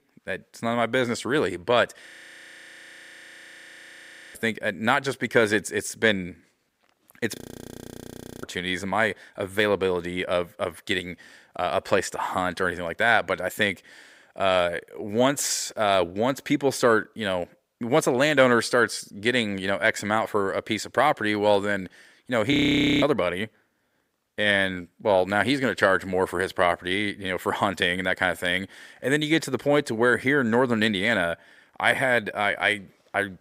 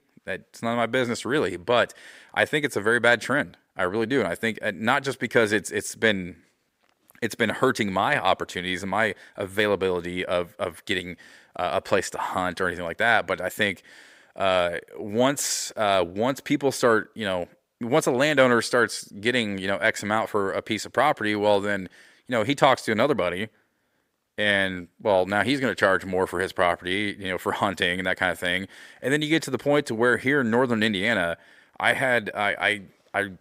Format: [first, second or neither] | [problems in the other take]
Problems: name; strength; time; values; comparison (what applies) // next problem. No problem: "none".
second | audio freezing; at 2 s for 2.5 s, at 7.5 s for 1 s and at 23 s